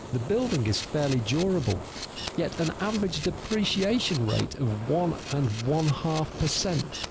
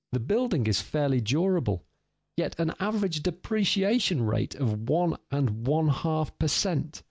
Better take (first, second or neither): second